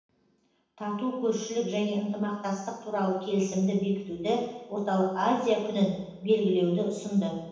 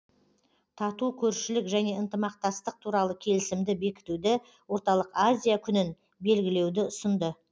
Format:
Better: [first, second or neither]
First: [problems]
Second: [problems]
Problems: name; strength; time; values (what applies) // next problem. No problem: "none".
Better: second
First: room echo; dies away in 0.9 s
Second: none